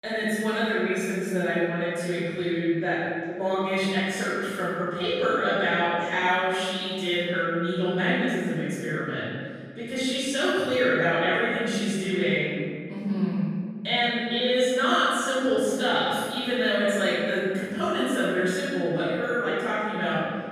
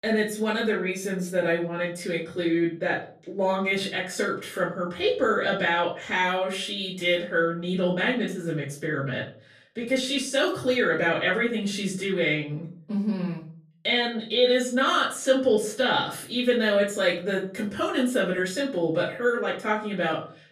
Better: second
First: room echo; strong; dies away in 2 s // off-mic speech; far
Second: room echo; slight; dies away in 0.4 s // off-mic speech; far

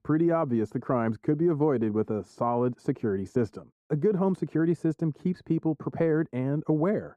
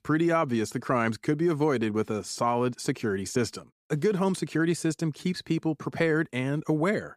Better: second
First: muffled; very; fading above 1.5 kHz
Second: none

